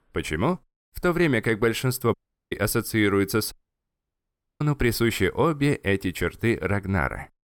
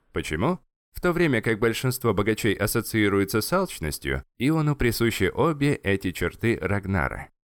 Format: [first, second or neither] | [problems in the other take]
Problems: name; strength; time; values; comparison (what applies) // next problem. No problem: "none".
second | audio cutting out; at 2 s and at 3.5 s for 1 s